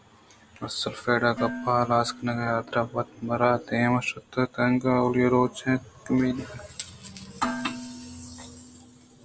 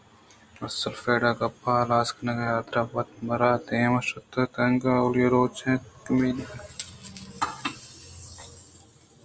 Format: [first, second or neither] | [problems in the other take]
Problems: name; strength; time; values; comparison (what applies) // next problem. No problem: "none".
second | background sound (Dishes, pots, and pans); 15 dB below the speech